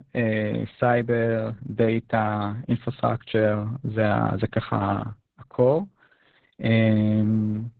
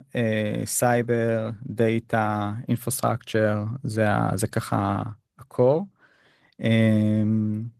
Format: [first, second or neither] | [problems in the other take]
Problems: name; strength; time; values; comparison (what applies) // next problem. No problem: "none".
second | garbled, watery; badly; slightly in the second